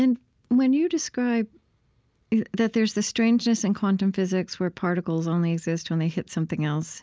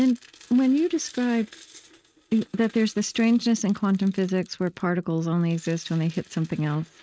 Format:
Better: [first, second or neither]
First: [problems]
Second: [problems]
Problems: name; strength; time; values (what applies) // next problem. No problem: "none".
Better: first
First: none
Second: noise reduction (neural mask model RNNoise)